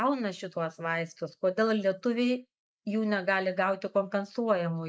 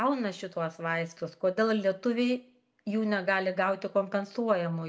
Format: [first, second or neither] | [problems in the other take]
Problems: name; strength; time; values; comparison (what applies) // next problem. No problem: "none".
second | noise reduction (neural mask model Resemble Enhance denoiser)